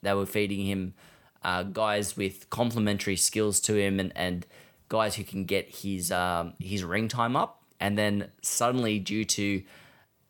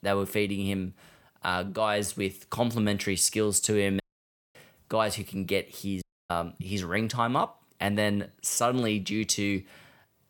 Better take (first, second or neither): first